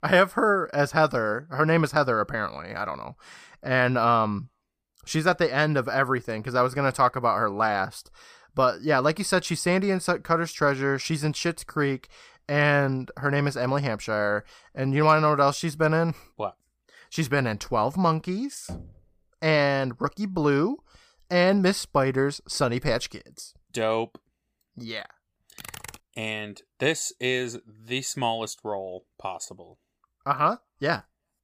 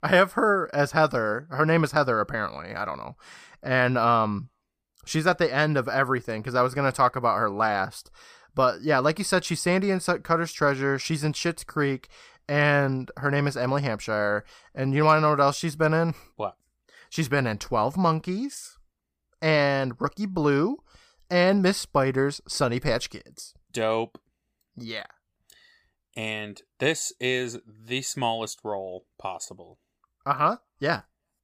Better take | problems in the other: second | door banging; faint; at 19 s; peak 15 dB below the speech // keyboard typing; faint; at 26 s; peak 15 dB below the speech

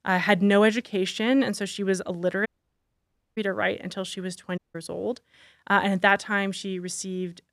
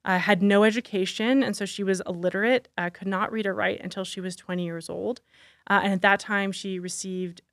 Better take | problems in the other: second | audio cutting out; at 2.5 s for 1 s and at 4.5 s

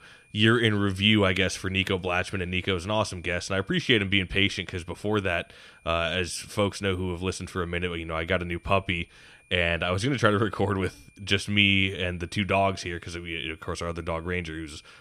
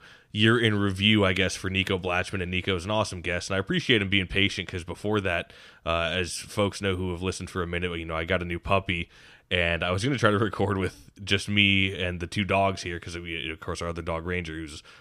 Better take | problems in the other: second | high-pitched whine; faint; throughout; 2.5 kHz, 35 dB below the speech

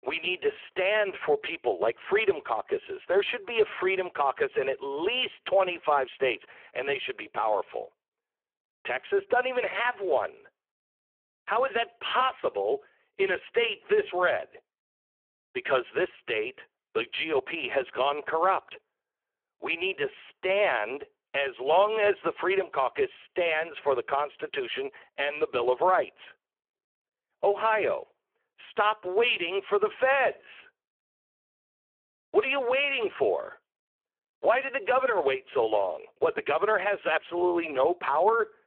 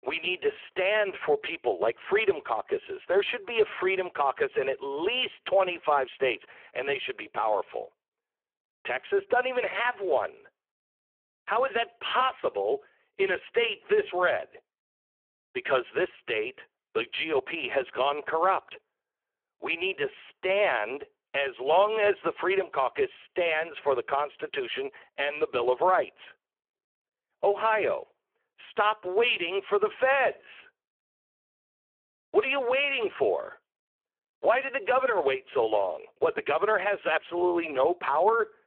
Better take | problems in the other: neither | phone-call audio; poor line; the same in both

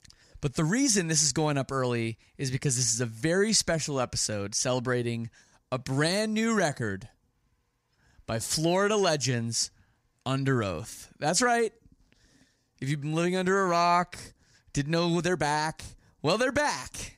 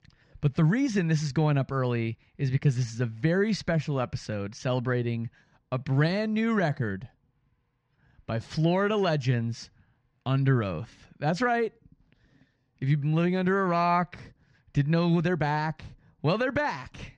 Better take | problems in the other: first | muffled; slightly; fading above 3.5 kHz

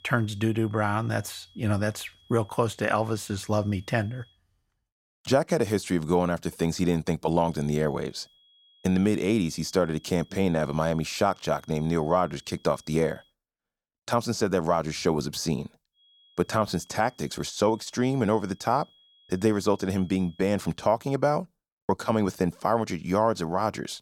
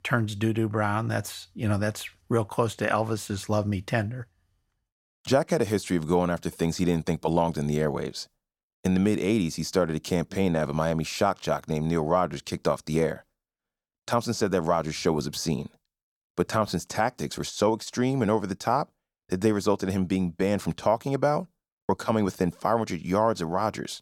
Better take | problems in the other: second | high-pitched whine; faint; until 4.5 s, from 7.5 to 13 s and from 16 to 21 s; 3.5 kHz, 30 dB below the speech

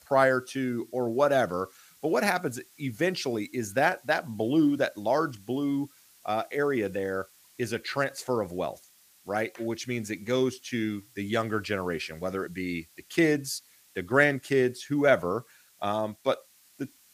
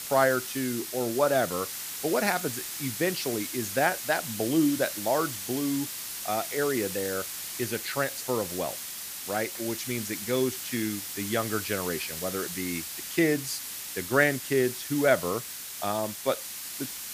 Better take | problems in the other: first | hiss; loud; throughout; 5 dB below the speech; faint in the first

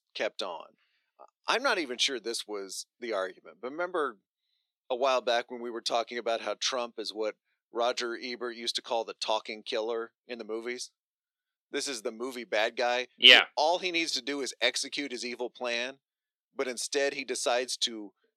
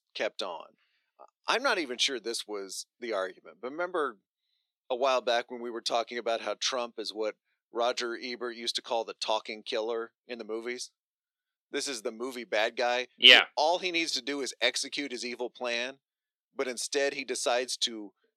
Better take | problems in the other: neither | thin; somewhat; fading below 350 Hz; the same in both

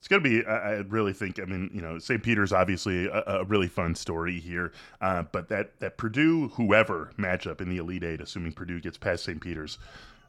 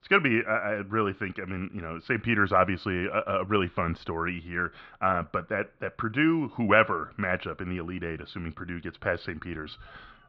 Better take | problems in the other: first | muffled; slightly; fading above 3.5 kHz

